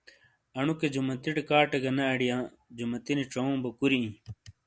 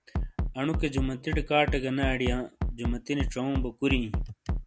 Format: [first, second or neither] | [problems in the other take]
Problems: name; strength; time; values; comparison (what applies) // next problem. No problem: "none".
first | background sound (Bass drum); 1 dB below the speech